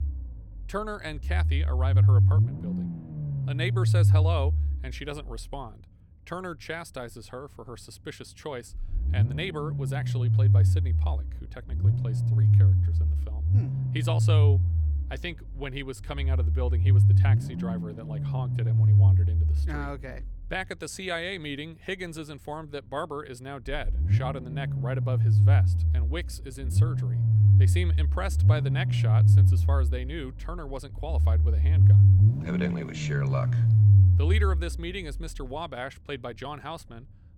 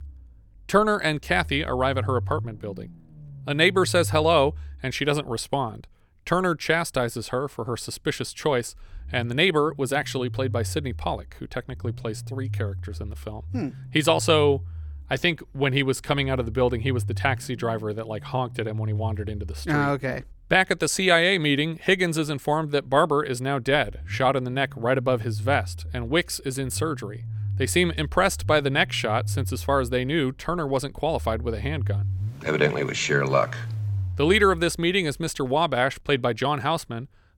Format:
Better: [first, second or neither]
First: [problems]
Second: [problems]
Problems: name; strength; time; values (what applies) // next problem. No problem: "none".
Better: second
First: low rumble; loud; throughout; 1 dB below the speech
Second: low rumble; faint; throughout; 25 dB below the speech